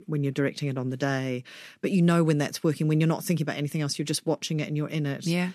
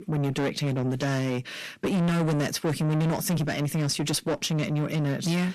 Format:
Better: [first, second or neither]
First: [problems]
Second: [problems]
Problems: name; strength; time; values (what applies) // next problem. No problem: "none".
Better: first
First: none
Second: distortion; heavy; 7 dB below the speech